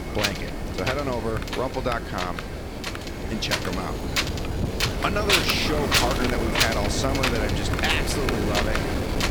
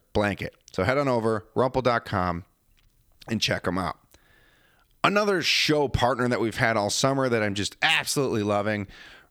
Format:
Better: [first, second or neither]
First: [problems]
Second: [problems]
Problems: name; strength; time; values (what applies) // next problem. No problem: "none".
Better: second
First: wind noise on the microphone; heavy; 1 dB above the speech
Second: none